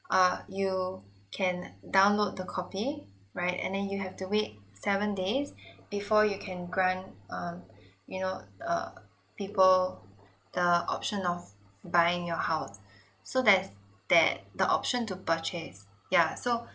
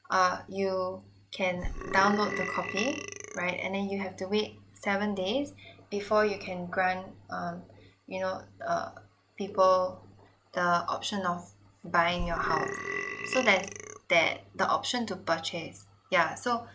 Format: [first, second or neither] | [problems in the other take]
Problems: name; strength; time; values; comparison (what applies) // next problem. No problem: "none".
first | background sound (Burping, eructation); 5 dB below the speech